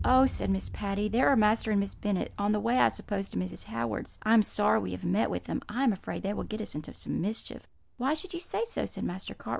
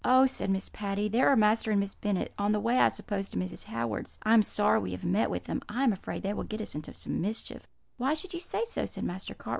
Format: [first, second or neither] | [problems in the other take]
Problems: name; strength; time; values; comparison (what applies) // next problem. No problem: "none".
second | background sound (Boom); 15 dB below the speech